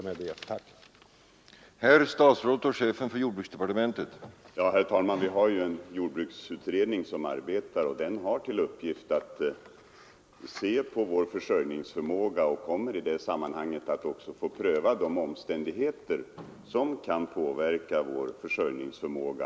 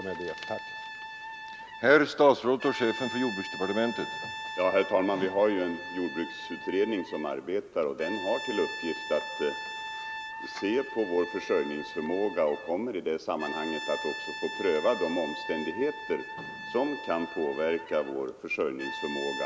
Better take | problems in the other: first | background sound (Brass instrument); 9 dB below the speech

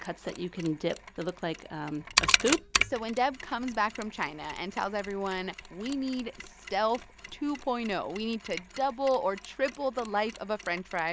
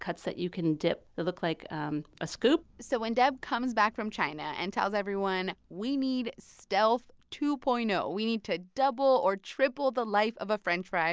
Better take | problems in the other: second | background sound (Mechanisms); 4 dB below the speech

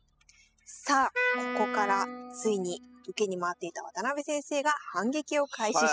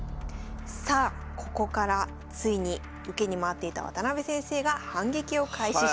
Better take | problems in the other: second | noise reduction (classical method spectral subtraction)

